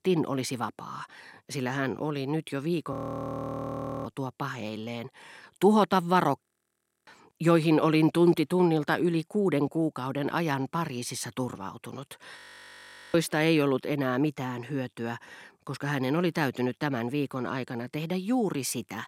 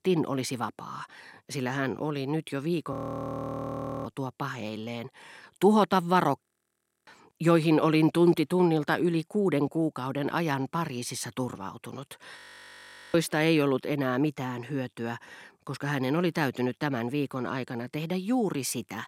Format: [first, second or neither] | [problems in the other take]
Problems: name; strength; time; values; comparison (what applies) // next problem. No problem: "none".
neither | audio freezing; at 3 s for 1 s, at 6.5 s for 0.5 s and at 12 s for 1 s; the same in both